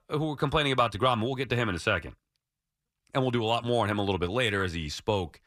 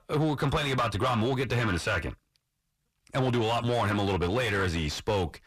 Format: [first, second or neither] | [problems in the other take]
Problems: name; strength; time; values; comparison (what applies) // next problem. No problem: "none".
first | distortion; heavy; 6 dB below the speech